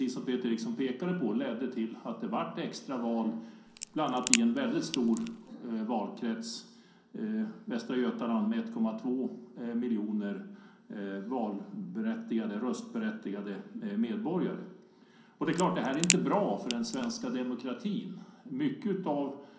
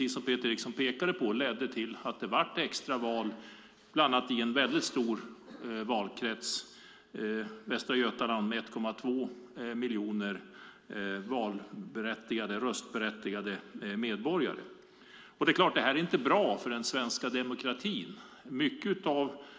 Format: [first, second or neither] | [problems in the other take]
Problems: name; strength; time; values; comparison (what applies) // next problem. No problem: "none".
second | background sound (Crack); 3 dB below the speech // room echo; dies away in 0.6 s